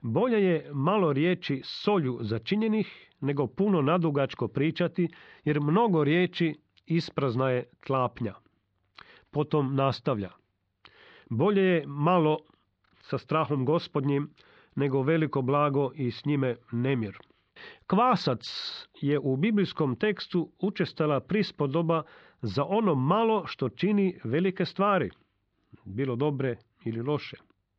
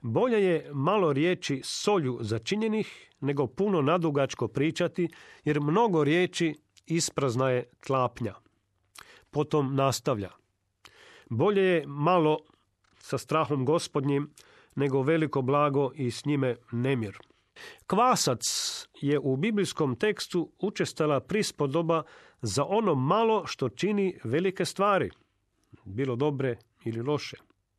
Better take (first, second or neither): second